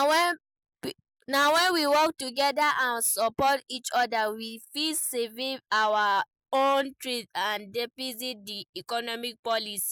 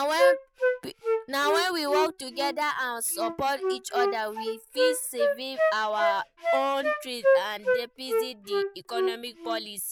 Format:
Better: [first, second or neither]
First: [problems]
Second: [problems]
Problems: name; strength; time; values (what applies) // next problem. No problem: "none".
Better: first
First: none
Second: background sound (Wind instrument, woodwind instrument); 2 dB above the speech